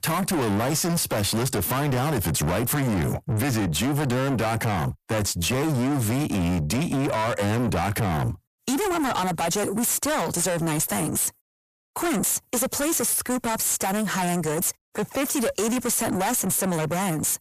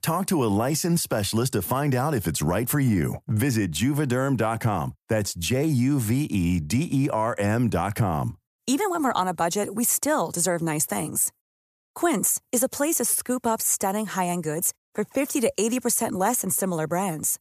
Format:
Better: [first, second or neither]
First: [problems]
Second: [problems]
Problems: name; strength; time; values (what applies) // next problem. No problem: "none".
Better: second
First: distortion; heavy; 6 dB below the speech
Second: none